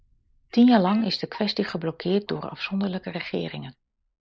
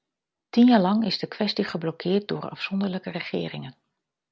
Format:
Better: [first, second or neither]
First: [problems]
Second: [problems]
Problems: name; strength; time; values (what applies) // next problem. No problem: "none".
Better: second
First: noise reduction (neural mask model Resemble Enhance denoiser)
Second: none